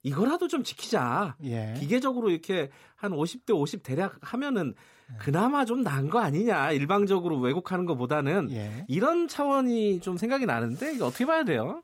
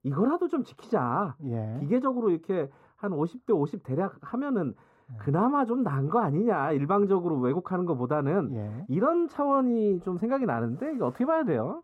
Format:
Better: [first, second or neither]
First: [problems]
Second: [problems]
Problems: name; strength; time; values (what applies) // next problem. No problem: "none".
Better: first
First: none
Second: muffled; very; fading above 2 kHz